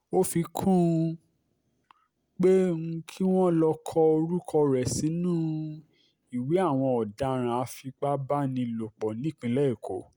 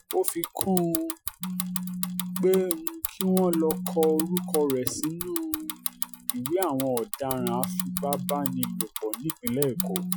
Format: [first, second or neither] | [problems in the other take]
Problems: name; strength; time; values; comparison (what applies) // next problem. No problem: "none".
first | noise reduction (classical method Wiener filter)